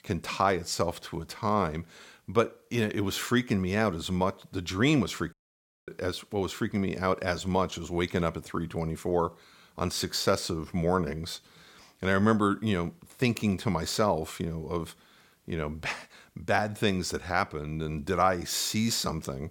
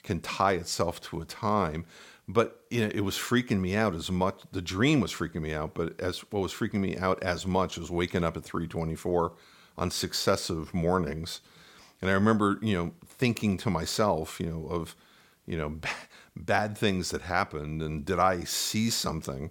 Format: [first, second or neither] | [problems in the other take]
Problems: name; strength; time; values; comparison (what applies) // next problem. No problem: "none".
second | audio cutting out; at 5.5 s for 0.5 s